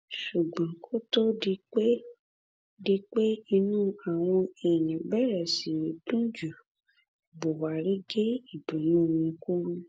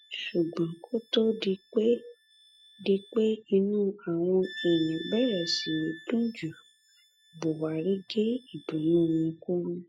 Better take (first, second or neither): first